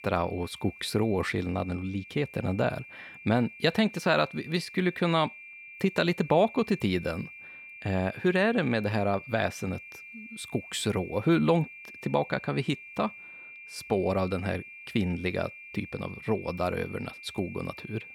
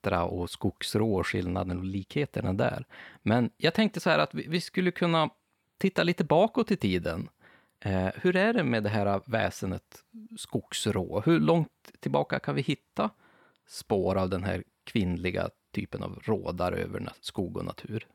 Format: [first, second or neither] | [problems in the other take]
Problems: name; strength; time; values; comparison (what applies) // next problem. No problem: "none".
second | high-pitched whine; noticeable; throughout; 2.5 kHz, 15 dB below the speech